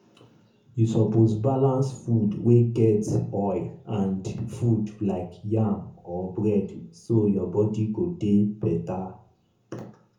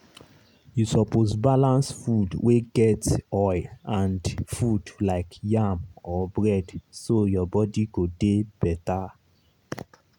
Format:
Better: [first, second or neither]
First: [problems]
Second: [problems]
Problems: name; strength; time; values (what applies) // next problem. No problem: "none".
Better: second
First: room echo; dies away in 0.6 s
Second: none